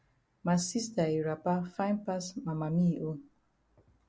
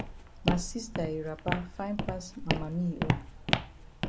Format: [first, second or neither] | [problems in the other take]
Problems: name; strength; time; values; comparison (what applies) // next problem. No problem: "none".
first | background sound (Walk, footsteps); 2 dB above the speech